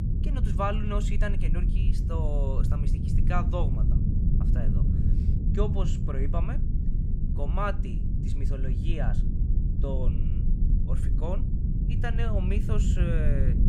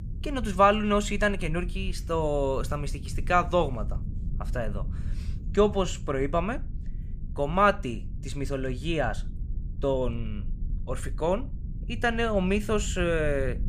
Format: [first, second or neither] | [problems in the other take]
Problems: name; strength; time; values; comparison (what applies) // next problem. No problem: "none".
second | low rumble; loud; throughout; 6 dB below the speech; faint in the second